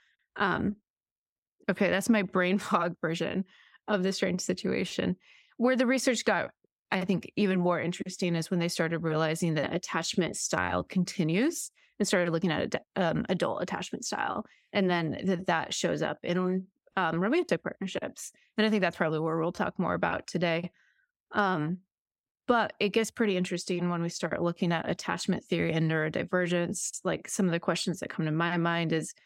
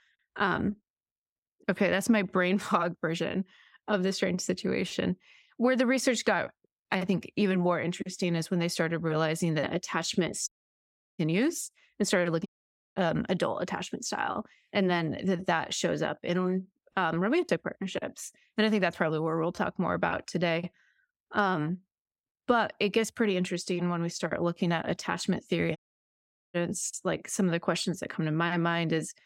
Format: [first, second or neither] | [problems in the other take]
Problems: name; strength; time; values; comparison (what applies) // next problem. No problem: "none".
first | audio cutting out; at 10 s for 0.5 s, at 12 s for 0.5 s and at 26 s for 1 s